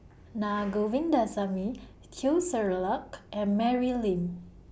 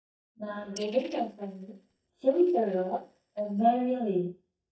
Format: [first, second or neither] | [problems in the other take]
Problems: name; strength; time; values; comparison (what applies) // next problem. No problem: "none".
first | noise reduction (neural mask model DeepFilterNet 3)